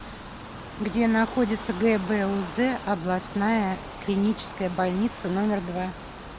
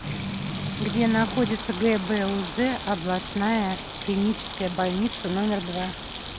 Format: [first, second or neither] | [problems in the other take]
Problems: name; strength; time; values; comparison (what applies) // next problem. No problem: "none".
first | background sound (Strum + Sink (filling or washing)); 9 dB below the speech